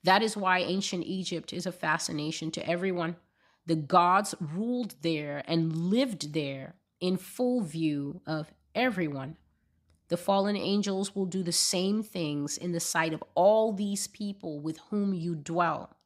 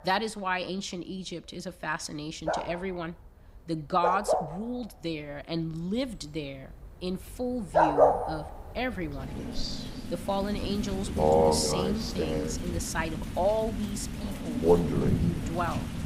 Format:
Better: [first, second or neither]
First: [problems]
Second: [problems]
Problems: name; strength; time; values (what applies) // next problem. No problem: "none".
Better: first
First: none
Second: animal sounds; very loud; throughout; 4 dB above the speech